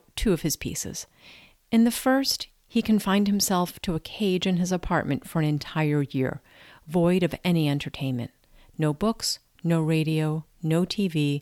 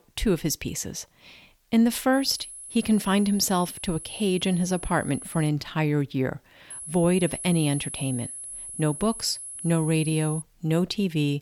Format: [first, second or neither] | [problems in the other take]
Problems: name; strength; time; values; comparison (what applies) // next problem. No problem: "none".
first | high-pitched whine; noticeable; from 2 to 5.5 s and from 6.5 to 10 s; 10.5 kHz, 10 dB below the speech